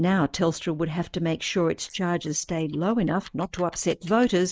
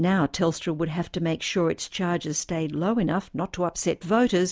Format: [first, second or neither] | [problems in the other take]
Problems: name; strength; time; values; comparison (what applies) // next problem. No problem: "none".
second | noise reduction (neural mask model Resemble Enhance denoiser)